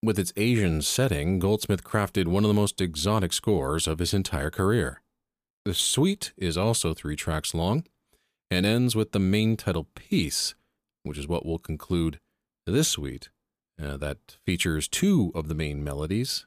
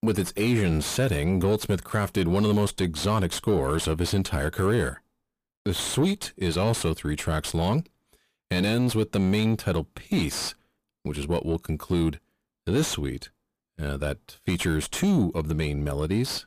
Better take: first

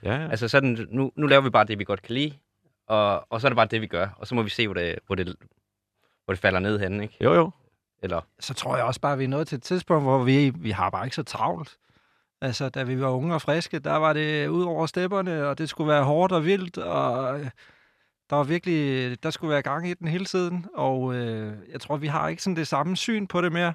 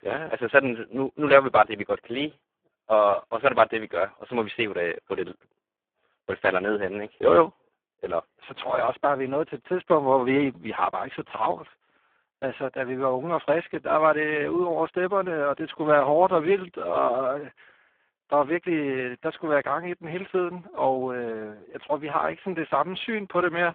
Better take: first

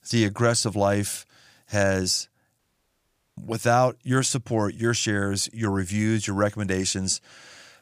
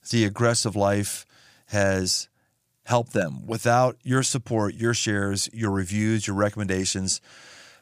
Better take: second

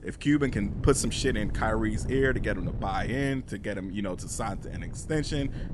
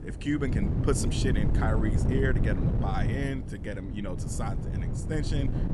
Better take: first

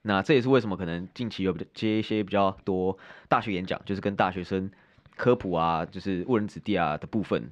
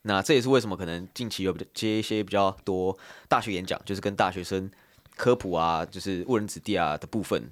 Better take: second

